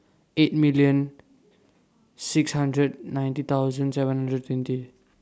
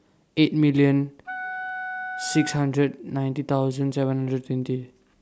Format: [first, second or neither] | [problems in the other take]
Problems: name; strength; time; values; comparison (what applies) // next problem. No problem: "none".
first | background sound (Wind instrument, woodwind instrument); 9 dB below the speech